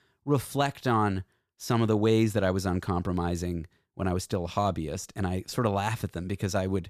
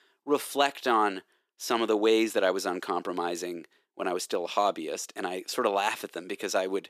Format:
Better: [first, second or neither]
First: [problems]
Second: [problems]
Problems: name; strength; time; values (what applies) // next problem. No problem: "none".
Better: first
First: none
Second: thin; somewhat; fading below 300 Hz